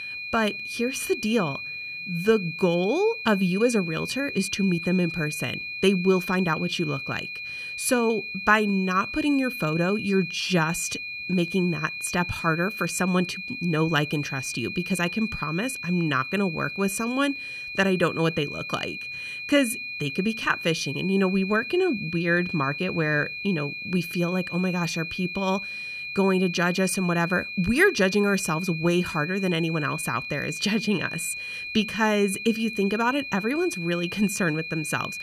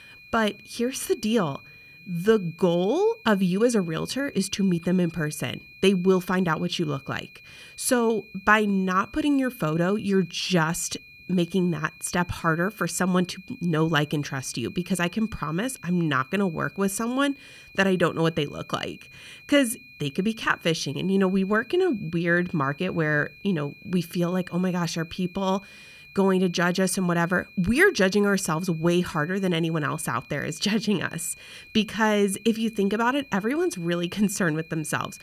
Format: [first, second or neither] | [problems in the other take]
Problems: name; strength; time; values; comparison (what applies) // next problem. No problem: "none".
second | high-pitched whine; loud; throughout; 2.5 kHz, 7 dB below the speech; faint in the second